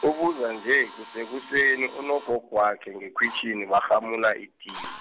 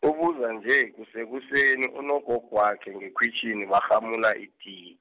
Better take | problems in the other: second | background sound (Drill); 19 dB below the speech

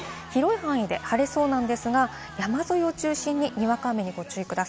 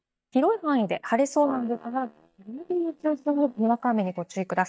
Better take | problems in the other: first | noise reduction (neural mask model DeepFilterNet 3)

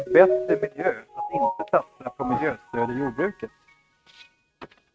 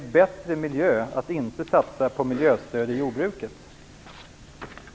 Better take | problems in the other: second | noise reduction (neural mask model RNNoise)

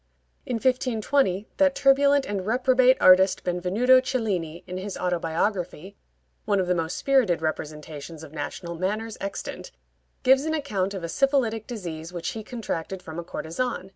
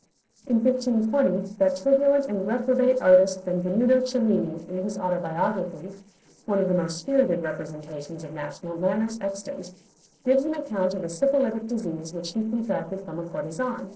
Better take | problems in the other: first | noise reduction (neural separator model SepFormer DNS4)

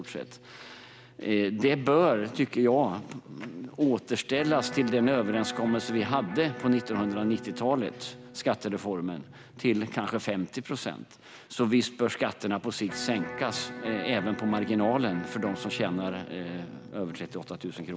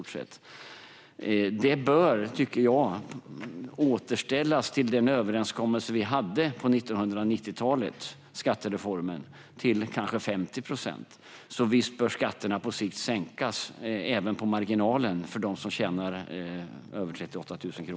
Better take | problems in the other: second | background sound (Electric guitar); 14 dB below the speech

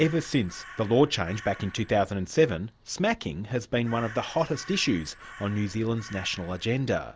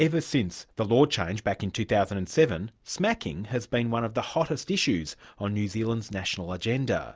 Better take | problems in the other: second | background sound (Crow); 19 dB below the speech

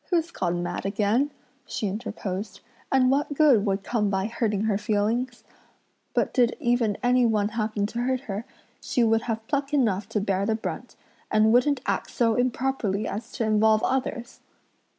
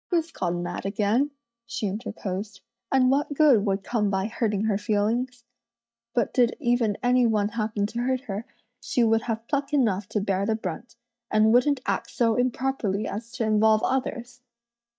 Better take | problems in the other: first | noise reduction (neural mask model DeepFilterNet 3)

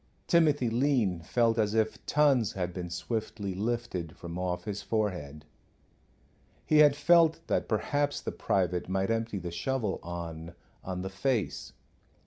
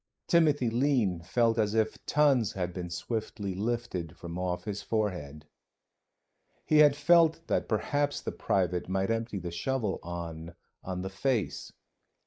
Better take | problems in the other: first | noise reduction (neural mask model Resemble Enhance denoiser)

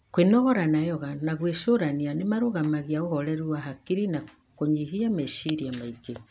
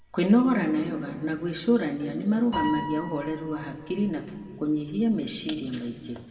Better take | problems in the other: first | background sound (Piano); 14 dB below the speech // room echo; dies away in 1.9 s

